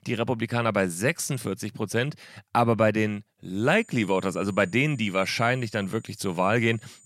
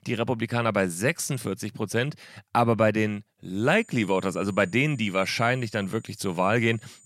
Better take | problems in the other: neither | high-pitched whine; faint; from 3.5 s on; 7 kHz, 25 dB below the speech; the same in both

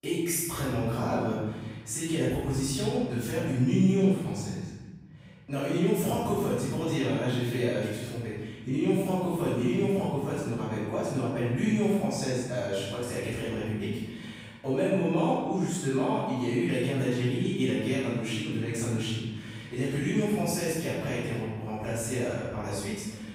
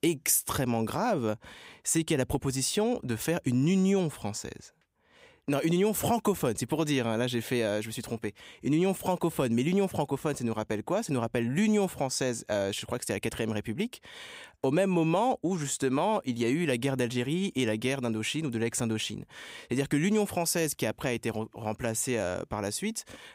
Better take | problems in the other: second | room echo; strong; dies away in 1.6 s // off-mic speech; far

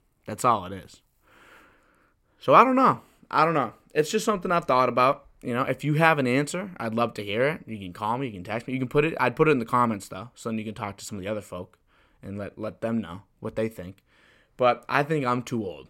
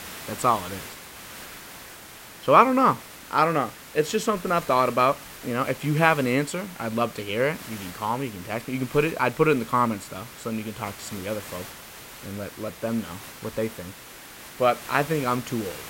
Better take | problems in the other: first | hiss; noticeable; throughout; 15 dB below the speech

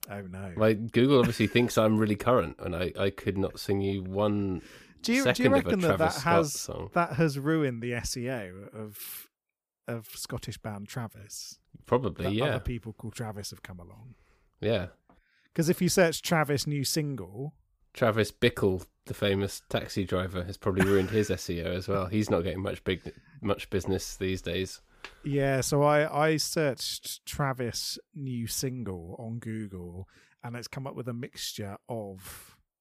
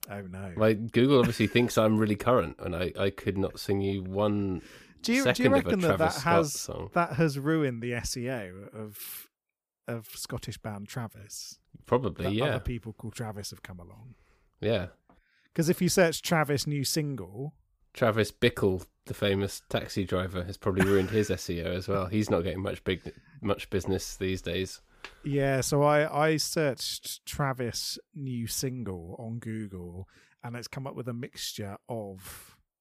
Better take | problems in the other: neither | none

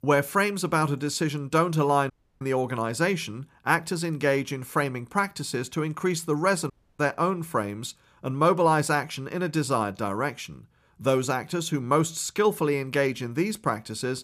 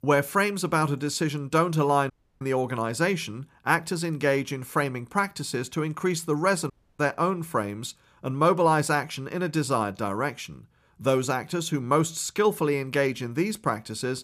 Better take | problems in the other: neither | audio cutting out; at 2 s and at 6.5 s; the same in both

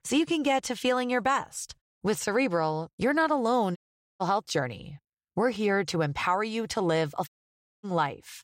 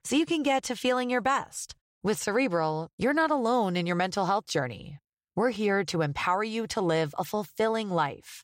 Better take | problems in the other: second | audio cutting out; at 4 s and at 7.5 s for 0.5 s

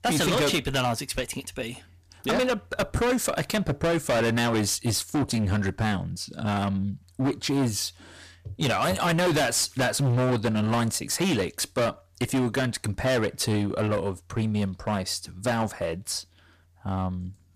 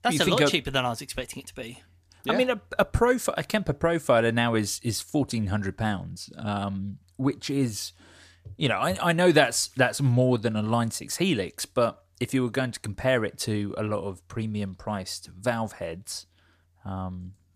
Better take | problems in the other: second | distortion; heavy; 17% of the sound clipped

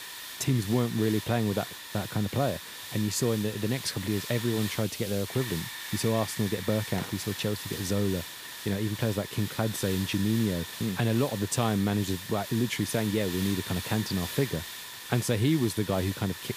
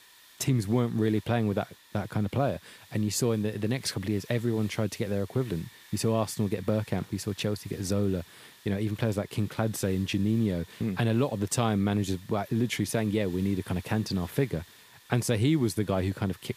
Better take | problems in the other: second | hiss; loud; throughout; 8 dB below the speech; faint in the second

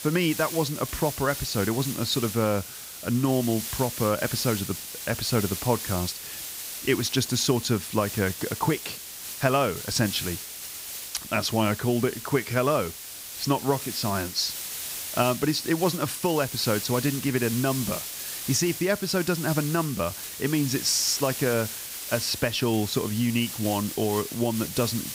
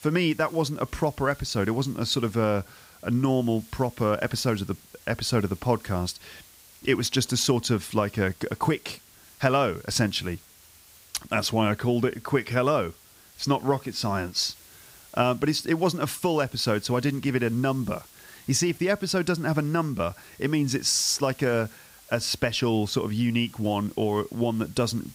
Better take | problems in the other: second | hiss; loud; throughout; 7 dB below the speech; faint in the second

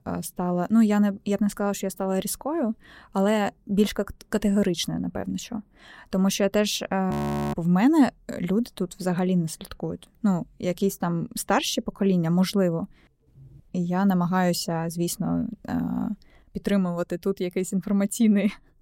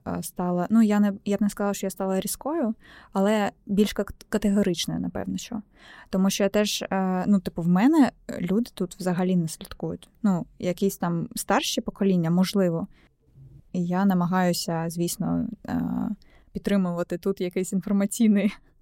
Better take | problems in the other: second | audio freezing; at 7 s

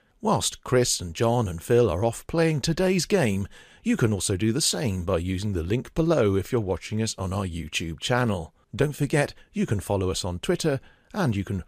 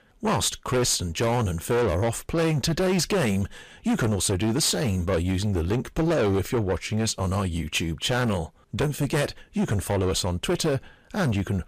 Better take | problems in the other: first | distortion; heavy; 7 dB below the speech

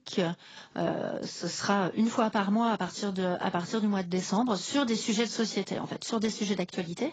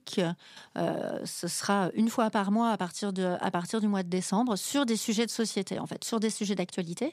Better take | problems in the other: second | garbled, watery; badly; nothing above 7.5 kHz

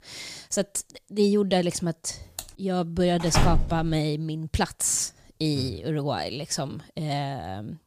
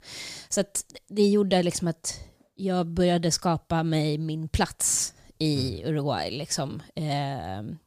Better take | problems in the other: second | keyboard typing; faint; at 2.5 s; peak 10 dB below the speech // door banging; loud; at 3 s; peak 2 dB above the speech

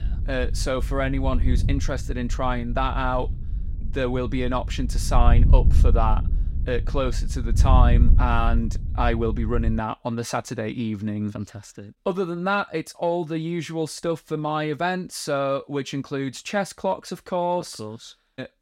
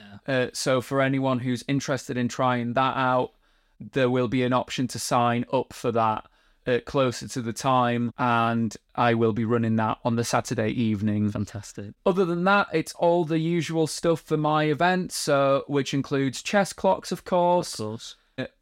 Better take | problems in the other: second | wind noise on the microphone; occasional gusts; until 10 s; 15 dB below the speech

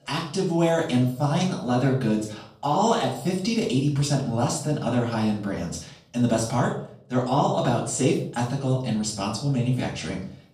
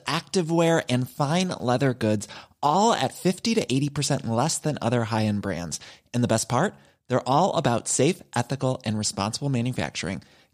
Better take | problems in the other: second | off-mic speech; far // room echo; slight; dies away in 0.5 s

